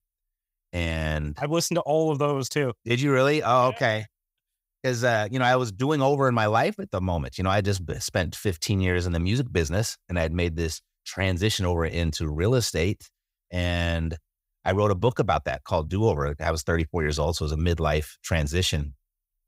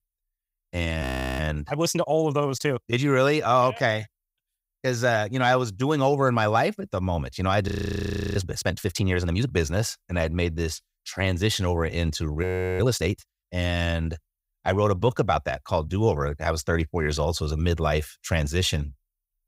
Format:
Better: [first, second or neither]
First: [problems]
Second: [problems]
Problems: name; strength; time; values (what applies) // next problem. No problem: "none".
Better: first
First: none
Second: audio freezing; at 1 s, at 7.5 s for 0.5 s and at 12 s